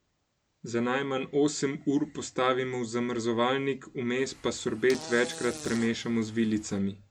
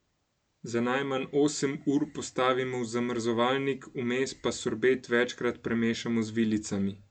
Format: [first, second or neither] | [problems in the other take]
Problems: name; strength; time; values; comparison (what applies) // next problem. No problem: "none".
second | background sound (Fart); 15 dB below the speech